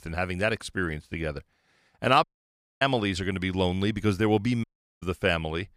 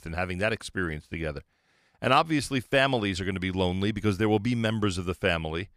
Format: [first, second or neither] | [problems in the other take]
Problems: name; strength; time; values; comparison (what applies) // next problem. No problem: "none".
second | audio cutting out; at 2 s for 0.5 s and at 4.5 s